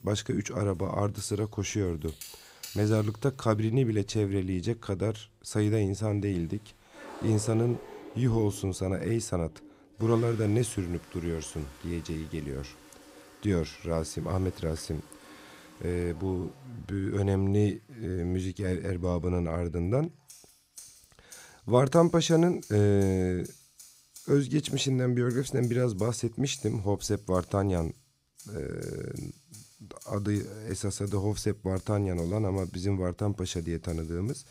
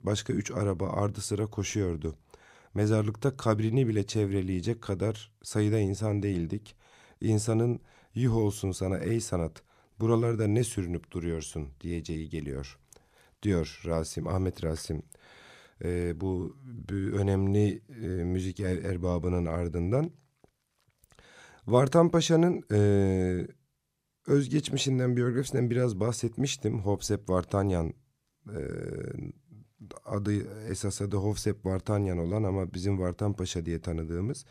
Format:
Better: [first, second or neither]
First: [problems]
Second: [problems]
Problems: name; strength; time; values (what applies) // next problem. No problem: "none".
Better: second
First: household noises; faint; throughout; 20 dB below the speech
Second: none